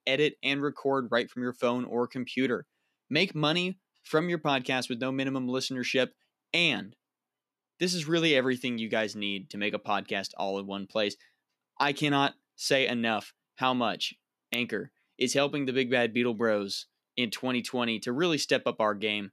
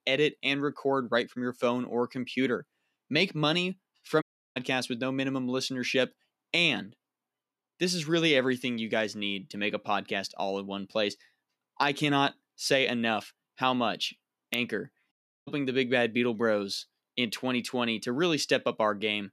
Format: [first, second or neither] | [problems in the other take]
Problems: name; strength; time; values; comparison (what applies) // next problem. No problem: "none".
first | audio cutting out; at 4 s and at 15 s